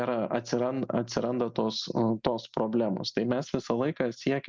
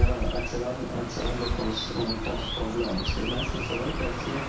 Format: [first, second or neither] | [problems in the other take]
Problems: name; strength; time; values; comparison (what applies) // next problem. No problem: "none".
first | background sound (Chirp, tweet); 2 dB above the speech // room echo; dies away in 0.6 s